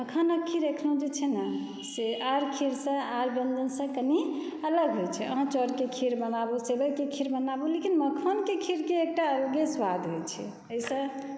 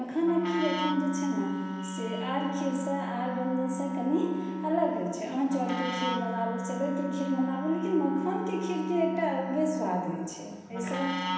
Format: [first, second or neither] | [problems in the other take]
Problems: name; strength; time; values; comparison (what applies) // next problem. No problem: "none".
first | background sound (Wind instrument, woodwind instrument); 5 dB below the speech // room echo; dies away in 0.9 s